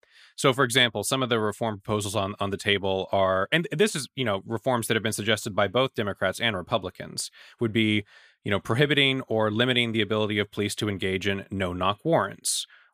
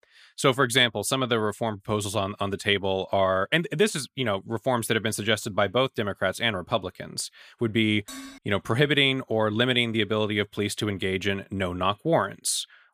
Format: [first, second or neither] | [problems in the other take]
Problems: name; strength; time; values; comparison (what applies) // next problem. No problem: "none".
first | clattering dishes; faint; at 8 s; peak 15 dB below the speech